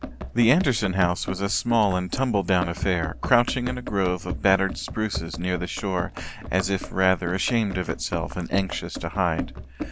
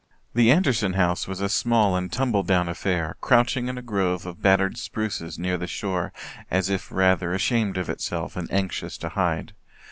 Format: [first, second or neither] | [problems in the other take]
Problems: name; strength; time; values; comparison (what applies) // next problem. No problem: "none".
second | background sound (Run); 10 dB below the speech